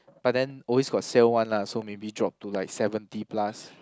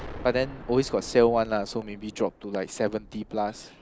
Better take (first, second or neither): first